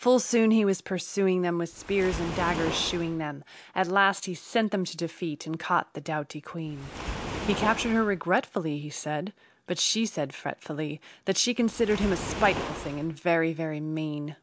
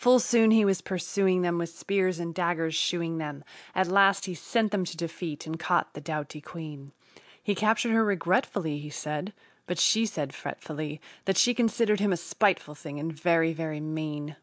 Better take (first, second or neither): second